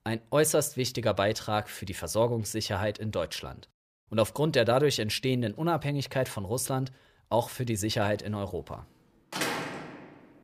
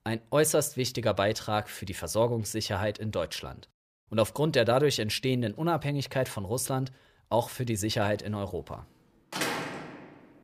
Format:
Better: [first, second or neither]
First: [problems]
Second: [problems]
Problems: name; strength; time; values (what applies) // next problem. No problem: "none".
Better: neither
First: door banging; noticeable; at 9.5 s; peak 2 dB below the speech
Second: door banging; noticeable; at 9.5 s; peak 2 dB below the speech